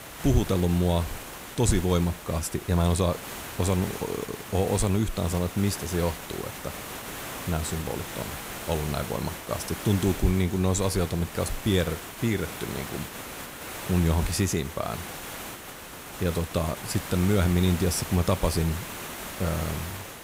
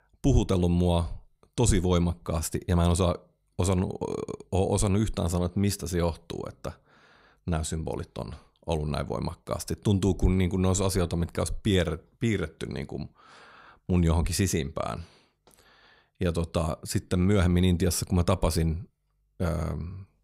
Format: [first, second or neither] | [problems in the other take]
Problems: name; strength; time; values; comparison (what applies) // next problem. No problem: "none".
second | hiss; loud; throughout; 9 dB below the speech